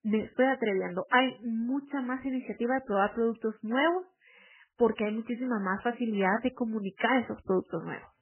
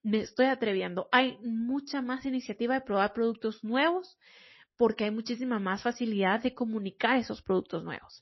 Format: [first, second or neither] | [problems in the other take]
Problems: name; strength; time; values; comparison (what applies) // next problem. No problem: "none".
second | garbled, watery; badly; nothing above 3 kHz; slightly in the second